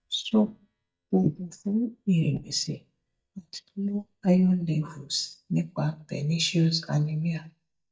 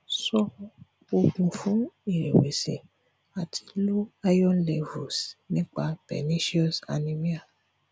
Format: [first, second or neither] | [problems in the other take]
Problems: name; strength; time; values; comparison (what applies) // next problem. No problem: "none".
second | noise reduction (neural mask model DeepFilterNet 3)